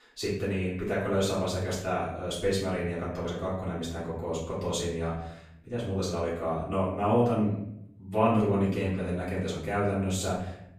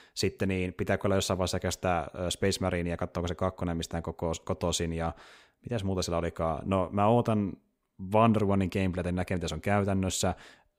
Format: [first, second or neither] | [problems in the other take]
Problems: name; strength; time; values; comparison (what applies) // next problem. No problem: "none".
second | off-mic speech; far // room echo; noticeable; dies away in 0.6 s